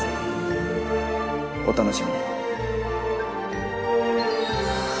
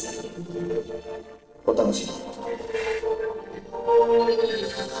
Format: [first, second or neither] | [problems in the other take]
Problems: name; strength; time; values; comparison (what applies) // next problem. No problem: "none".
first | noise reduction (neural separator model SepFormer DNS4)